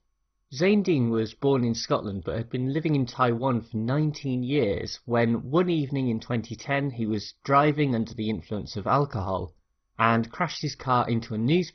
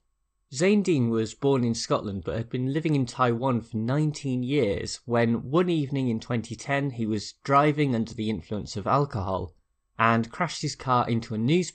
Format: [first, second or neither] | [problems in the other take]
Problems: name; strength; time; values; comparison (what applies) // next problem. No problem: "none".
second | garbled, watery; badly; nothing above 6 kHz; slightly in the second